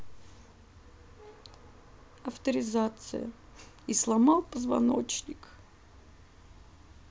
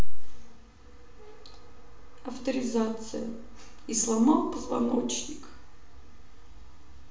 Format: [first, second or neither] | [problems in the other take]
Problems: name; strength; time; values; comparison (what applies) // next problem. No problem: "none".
first | room echo; dies away in 0.6 s